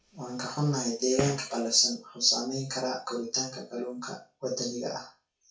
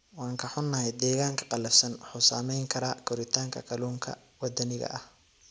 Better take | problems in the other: second | noise reduction (classical method WPE with log-MMSE)

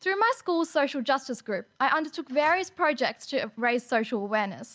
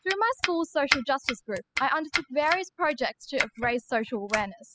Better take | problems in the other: first | noise reduction (classical method spectral subtraction)

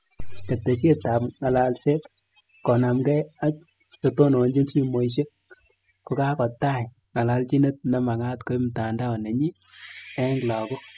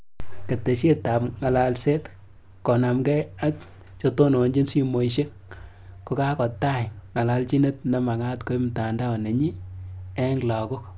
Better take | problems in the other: second | noise reduction (classical method spectral subtraction)

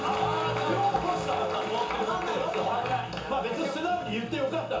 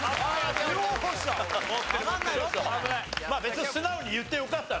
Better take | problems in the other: second | background sound (Chink, clink); 12 dB below the speech // room echo; dies away in 0.7 s

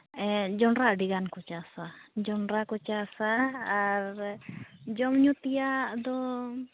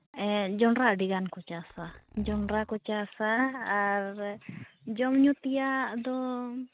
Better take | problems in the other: first | noise reduction (neural mask model RNNoise)

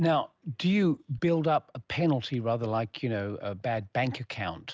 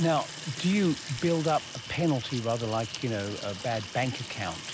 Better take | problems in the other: first | background sound (Sink (filling or washing) / Water tap, faucet); 11 dB below the speech

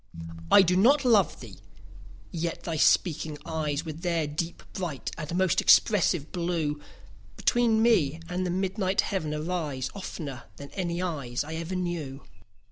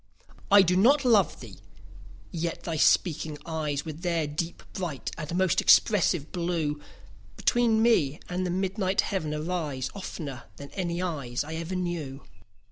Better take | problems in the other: second | background sound (Piano); 15 dB below the speech

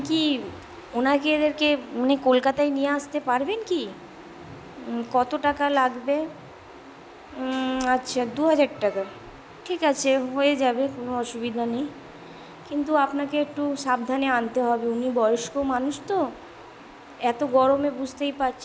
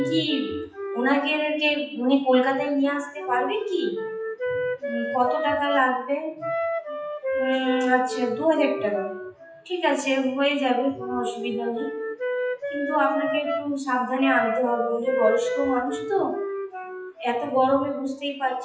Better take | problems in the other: first | noise reduction (classical method WPE with log-MMSE)

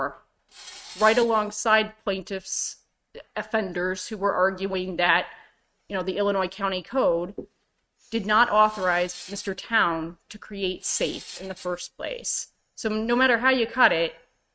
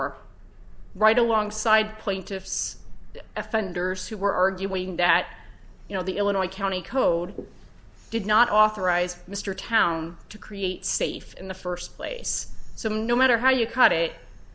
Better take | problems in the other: second | noise reduction (neural mask model RNNoise)

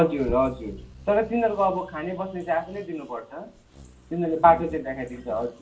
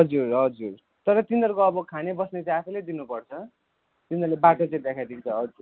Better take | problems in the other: second | background sound (Bird vocalization, bird call, bird song); 18 dB below the speech // room echo; dies away in 0.3 s

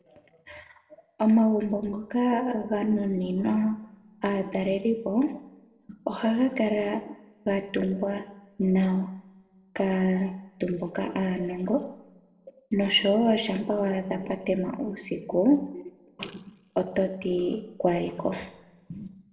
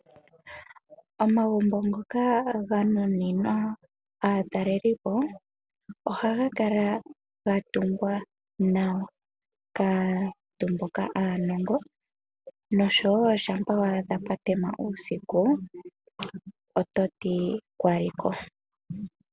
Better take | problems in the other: second | room echo; dies away in 0.7 s

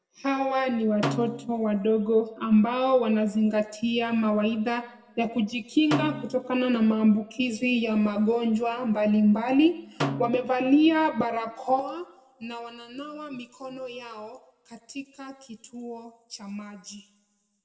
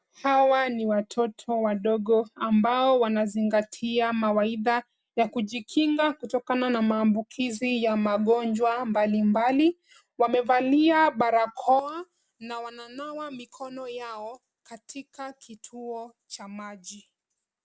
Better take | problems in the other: second | background sound (Snare drum); 11 dB below the speech // room echo; dies away in 1.1 s

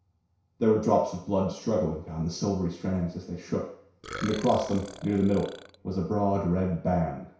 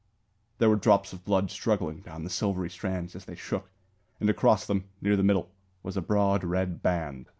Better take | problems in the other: second | background sound (Burping, eructation); 15 dB below the speech // room echo; dies away in 0.6 s

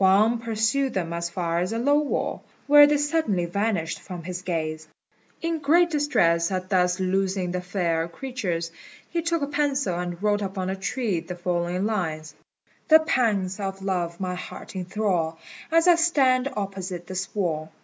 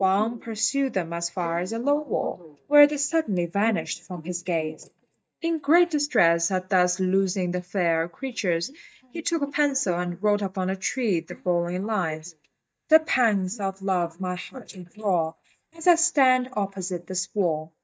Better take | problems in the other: first | noise reduction (neural mask model DeepFilterNet 3)

